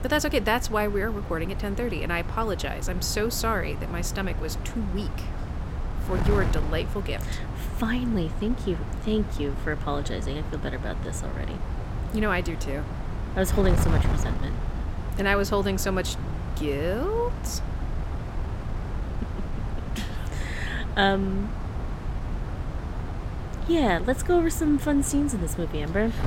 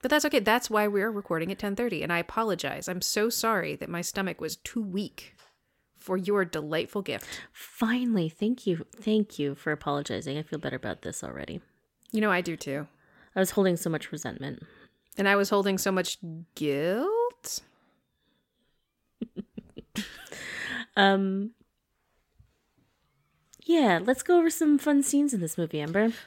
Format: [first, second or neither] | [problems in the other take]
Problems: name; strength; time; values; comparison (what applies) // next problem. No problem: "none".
second | wind noise on the microphone; occasional gusts; 10 dB below the speech